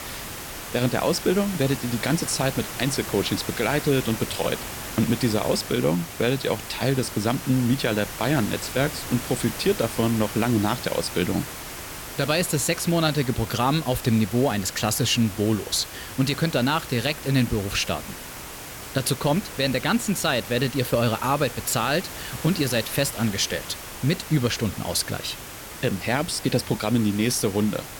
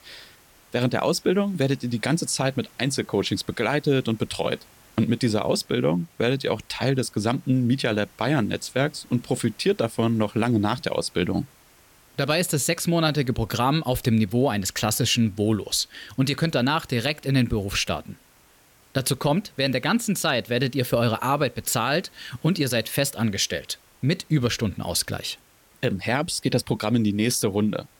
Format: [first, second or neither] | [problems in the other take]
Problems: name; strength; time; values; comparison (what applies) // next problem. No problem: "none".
second | hiss; loud; throughout; 10 dB below the speech; faint in the second